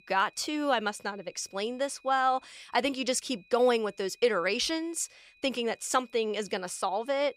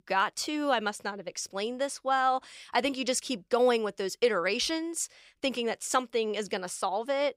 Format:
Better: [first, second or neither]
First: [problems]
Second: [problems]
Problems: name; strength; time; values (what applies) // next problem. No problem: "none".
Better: second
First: high-pitched whine; faint; throughout; 2.5 kHz, 30 dB below the speech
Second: none